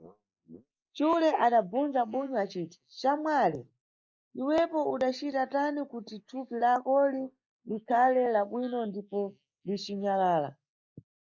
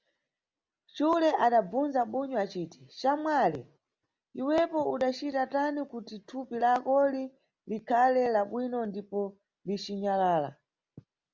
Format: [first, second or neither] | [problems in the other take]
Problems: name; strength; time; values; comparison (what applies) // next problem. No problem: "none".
second | noise reduction (neural mask model Resemble Enhance denoiser)